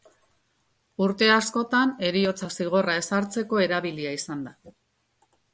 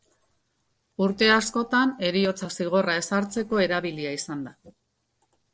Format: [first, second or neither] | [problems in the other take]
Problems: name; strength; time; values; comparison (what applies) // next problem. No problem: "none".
first | noise reduction (neural separator model SepFormer DNS4)